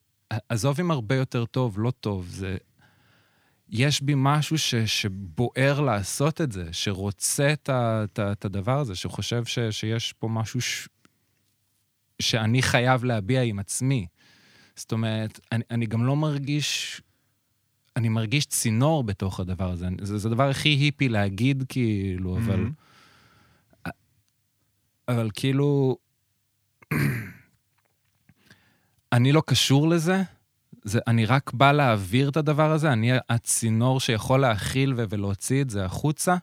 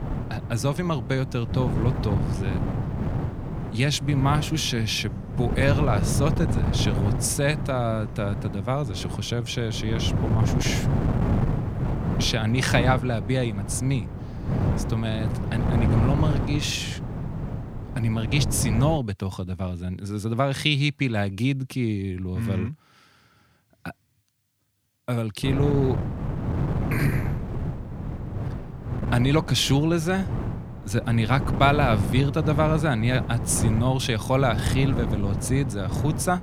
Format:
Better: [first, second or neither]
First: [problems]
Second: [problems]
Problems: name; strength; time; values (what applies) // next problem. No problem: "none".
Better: first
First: none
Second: wind noise on the microphone; heavy; until 19 s and from 25 s on; 8 dB below the speech